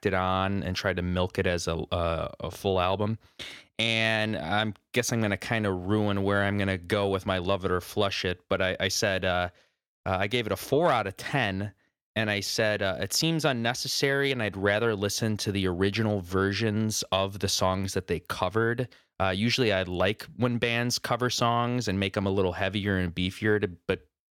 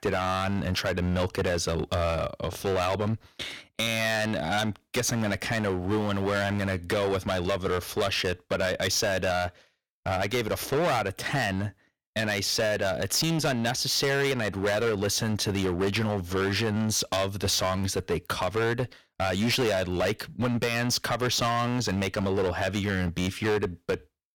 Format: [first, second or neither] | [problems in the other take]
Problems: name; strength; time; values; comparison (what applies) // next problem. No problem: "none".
first | distortion; heavy; 14% of the sound clipped